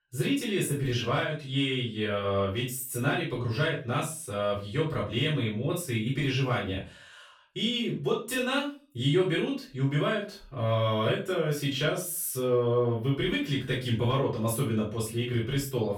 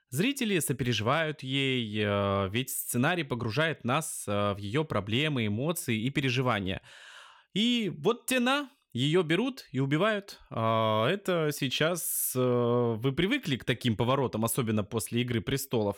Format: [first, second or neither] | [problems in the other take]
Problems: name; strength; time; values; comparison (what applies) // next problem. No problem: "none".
second | off-mic speech; far // room echo; slight; dies away in 0.3 s